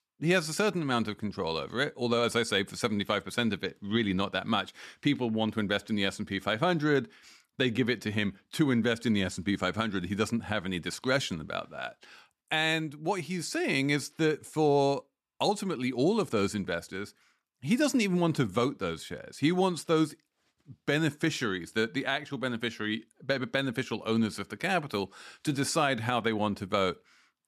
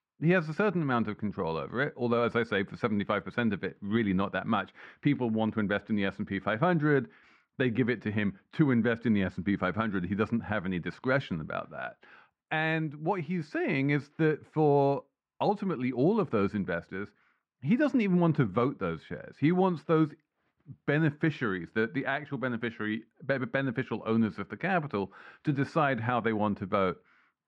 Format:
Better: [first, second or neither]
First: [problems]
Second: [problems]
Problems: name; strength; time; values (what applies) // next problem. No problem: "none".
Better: first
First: none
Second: muffled; very; fading above 1.5 kHz